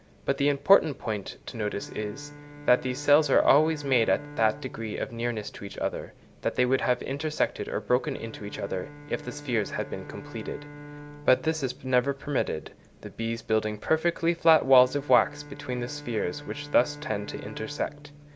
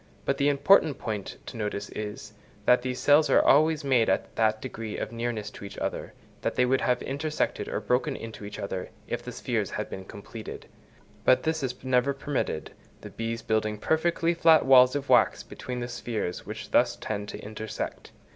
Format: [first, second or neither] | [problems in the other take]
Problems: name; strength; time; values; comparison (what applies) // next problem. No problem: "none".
second | background sound (Bowed string instrument); 18 dB below the speech